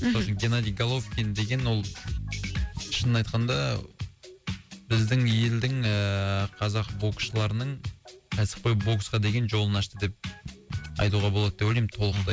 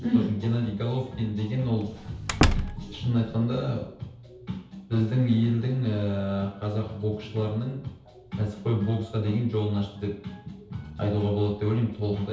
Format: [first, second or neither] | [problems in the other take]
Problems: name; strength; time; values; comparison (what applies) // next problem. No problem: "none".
first | background sound (Slam); 1 dB below the speech // room echo; dies away in 0.8 s